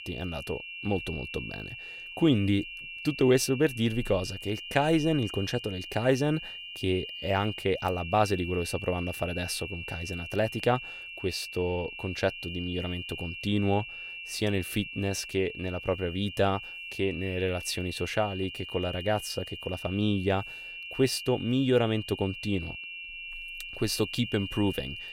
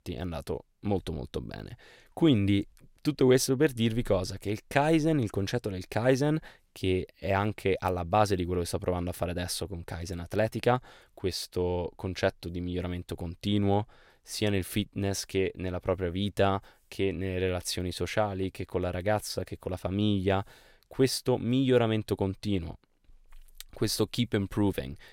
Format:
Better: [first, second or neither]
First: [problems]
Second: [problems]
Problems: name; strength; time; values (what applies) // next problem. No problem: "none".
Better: second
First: high-pitched whine; loud; throughout; 2.5 kHz, 9 dB below the speech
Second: none